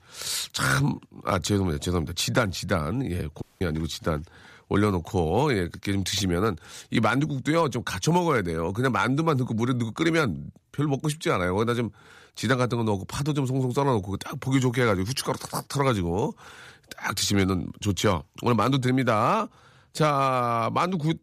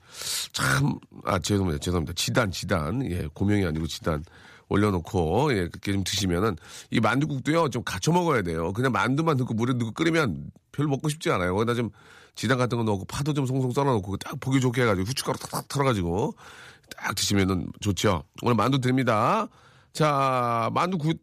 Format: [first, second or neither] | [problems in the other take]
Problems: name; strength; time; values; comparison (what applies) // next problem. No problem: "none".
second | audio cutting out; at 3.5 s